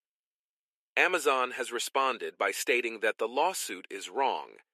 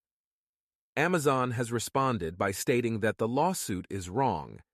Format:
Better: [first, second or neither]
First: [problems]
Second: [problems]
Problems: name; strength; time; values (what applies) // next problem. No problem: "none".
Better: second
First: thin; very; fading below 350 Hz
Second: none